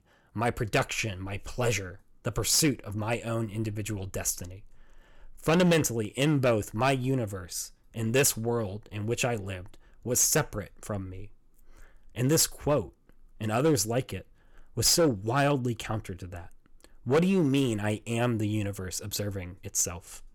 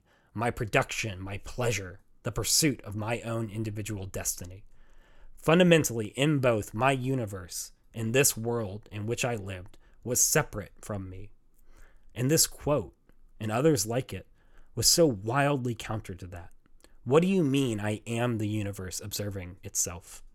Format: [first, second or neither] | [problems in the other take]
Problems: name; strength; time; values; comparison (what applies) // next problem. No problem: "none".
second | distortion; slight; 3% of the sound clipped